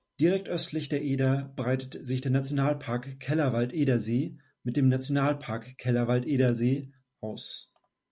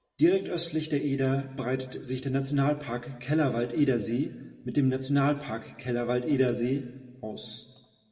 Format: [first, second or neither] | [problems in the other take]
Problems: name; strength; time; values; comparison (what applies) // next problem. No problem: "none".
first | room echo; dies away in 1.3 s